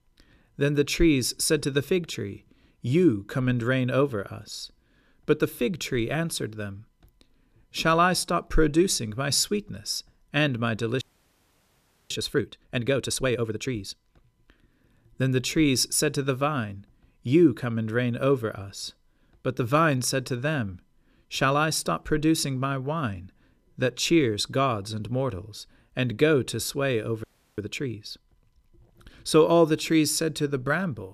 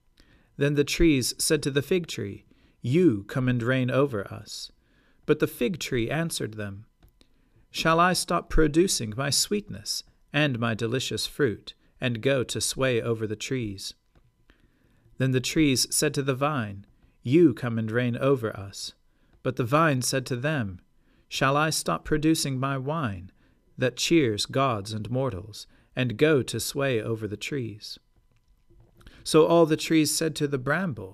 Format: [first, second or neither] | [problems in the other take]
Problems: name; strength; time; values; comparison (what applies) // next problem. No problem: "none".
second | audio freezing; at 11 s for 1 s and at 27 s